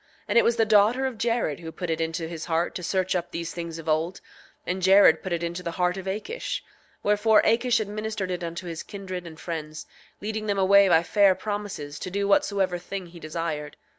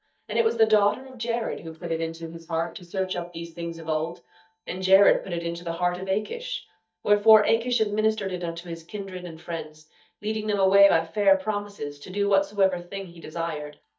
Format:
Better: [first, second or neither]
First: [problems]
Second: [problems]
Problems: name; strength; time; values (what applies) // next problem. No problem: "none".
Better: first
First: none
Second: noise reduction (neural mask model DeepFilterNet 3)